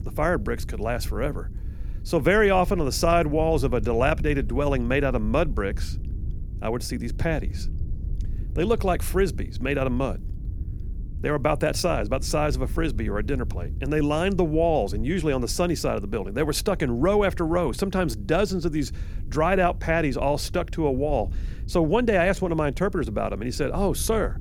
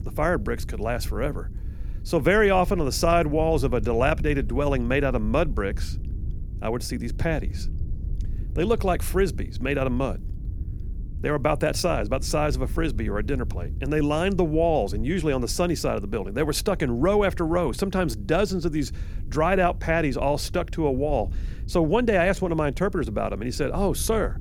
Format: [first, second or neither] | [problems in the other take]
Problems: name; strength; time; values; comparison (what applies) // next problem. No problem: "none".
neither | wind noise on the microphone; occasional gusts; 25 dB below the speech; the same in both